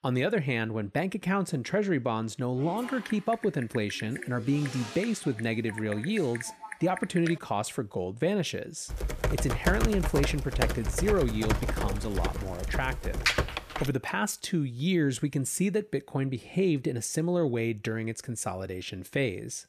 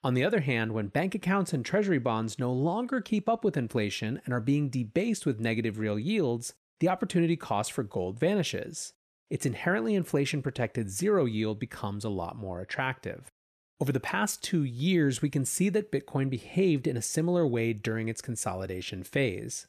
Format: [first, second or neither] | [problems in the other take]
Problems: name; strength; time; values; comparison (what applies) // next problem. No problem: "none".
second | keyboard typing; noticeable; from 2.5 to 7.5 s; peak 8 dB below the speech // keyboard typing; loud; from 9 to 14 s; peak 4 dB above the speech